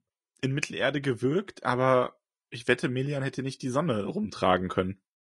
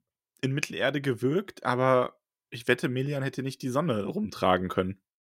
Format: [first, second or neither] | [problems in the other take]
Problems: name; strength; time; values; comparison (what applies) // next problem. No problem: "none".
second | garbled, watery; slightly; nothing above 10.5 kHz